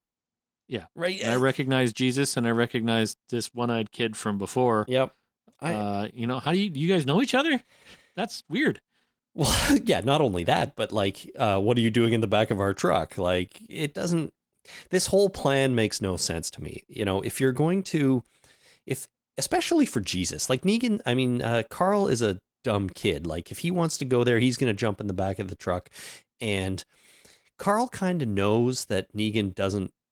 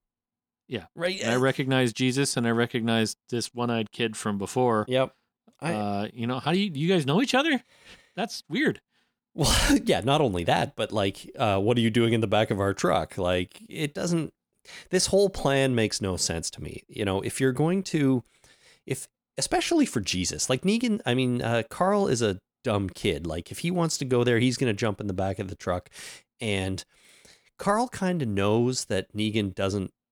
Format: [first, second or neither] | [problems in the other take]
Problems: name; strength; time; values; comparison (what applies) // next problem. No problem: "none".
second | garbled, watery; slightly